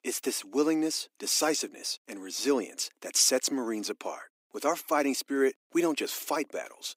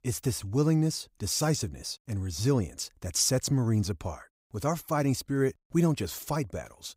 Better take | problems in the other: second | thin; somewhat; fading below 250 Hz

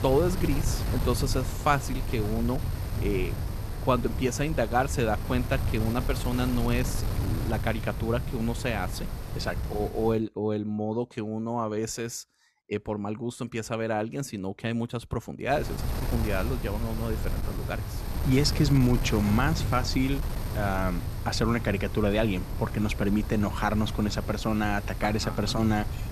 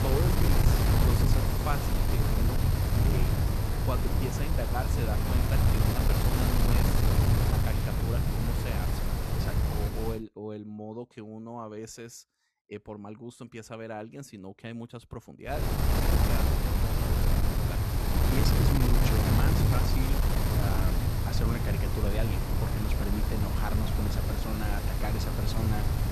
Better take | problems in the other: first | wind noise on the microphone; heavy; until 10 s and from 16 s on; 5 dB above the speech; occasional gusts in the first

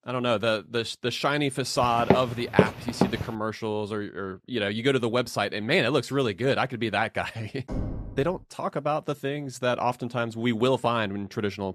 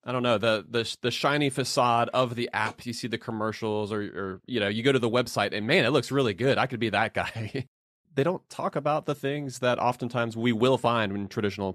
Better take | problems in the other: second | footsteps; loud; from 2 to 3 s; peak 3 dB above the speech // door banging; noticeable; at 7.5 s; peak 6 dB below the speech

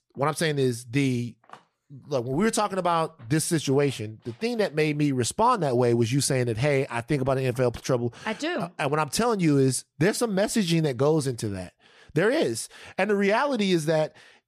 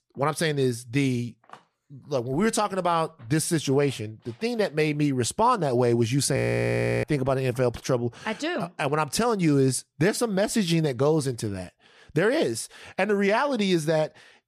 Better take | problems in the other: first | audio freezing; at 6.5 s for 0.5 s

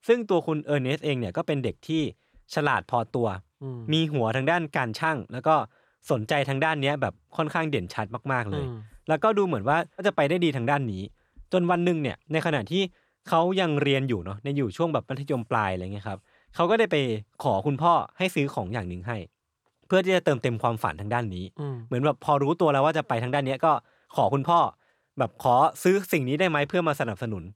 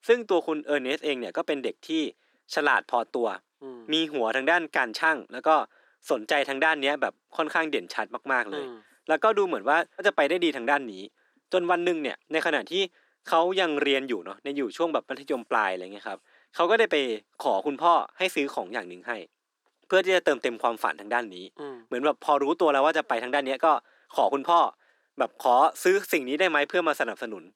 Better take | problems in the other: first | thin; somewhat; fading below 250 Hz

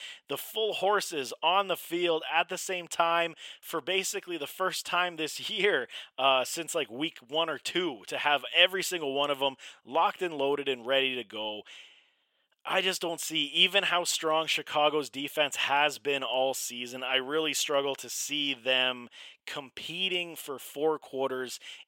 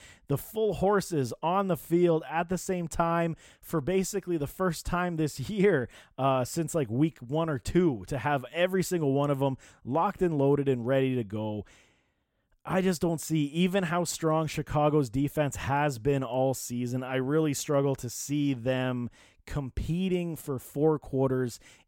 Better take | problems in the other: second | thin; very; fading below 550 Hz

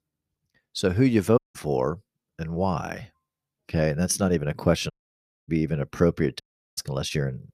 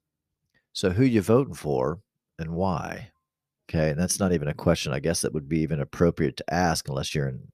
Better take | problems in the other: second | audio cutting out; at 1.5 s, at 5 s for 0.5 s and at 6.5 s

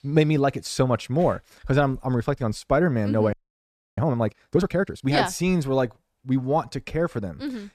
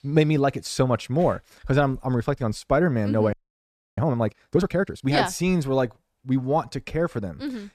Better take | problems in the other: neither | audio freezing; at 3.5 s for 0.5 s; the same in both

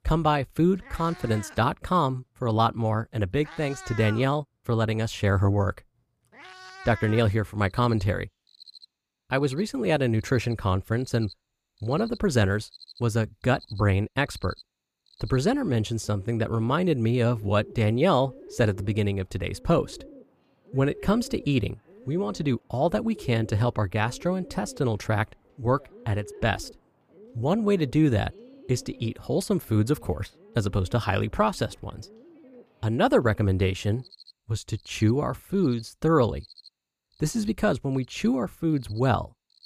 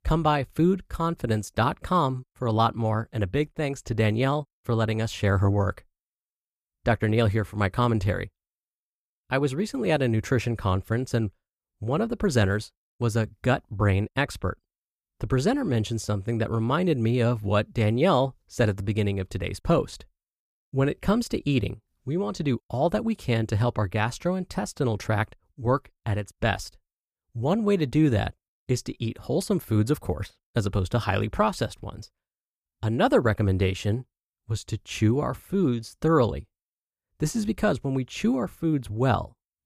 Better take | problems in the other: second | animal sounds; faint; throughout; 20 dB below the speech

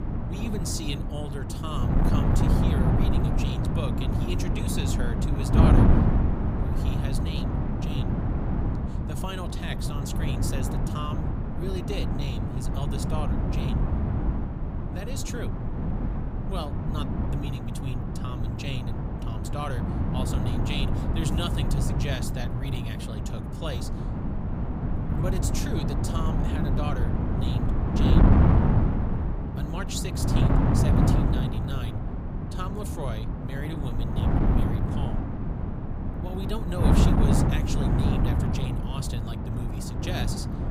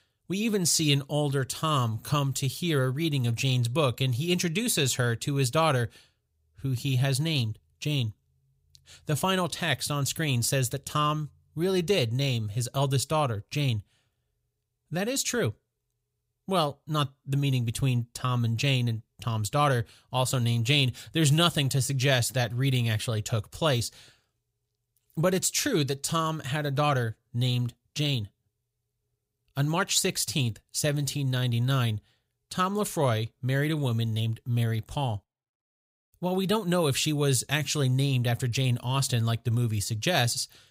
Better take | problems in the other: second | wind noise on the microphone; heavy; 3 dB above the speech

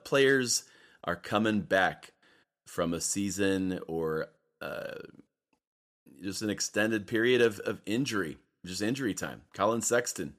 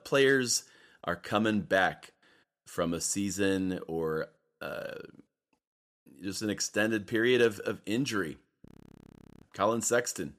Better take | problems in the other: first | audio freezing; at 8.5 s for 1 s

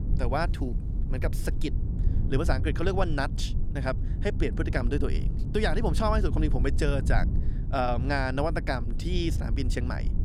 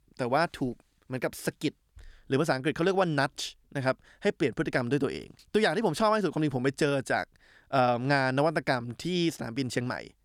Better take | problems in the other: second | low rumble; noticeable; throughout; 15 dB below the speech

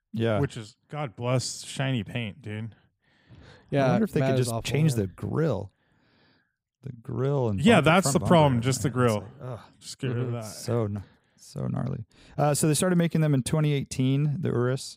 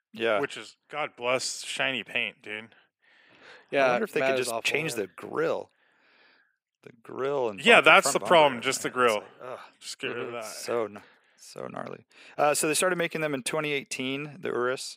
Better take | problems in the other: first | thin; very; fading below 450 Hz

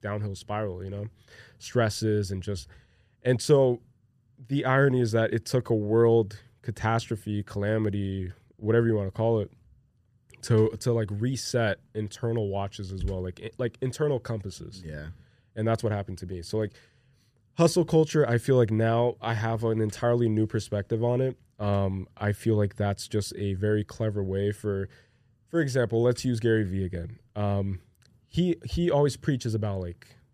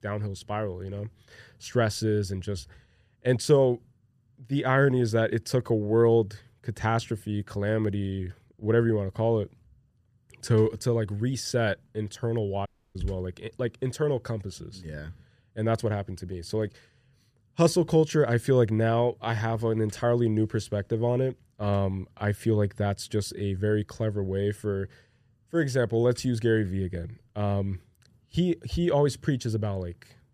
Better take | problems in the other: first | audio cutting out; at 13 s

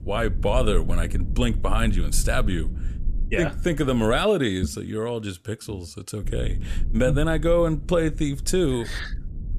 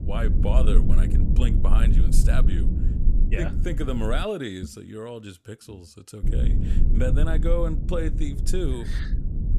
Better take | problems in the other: first | low rumble; loud; until 4 s and from 6 s on; 6 dB below the speech; faint in the first

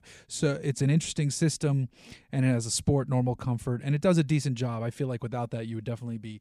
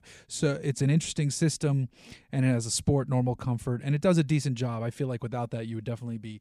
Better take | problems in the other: neither | none

